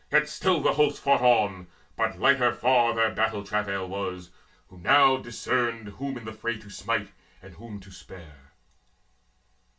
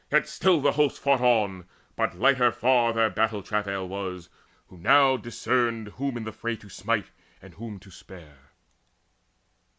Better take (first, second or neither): second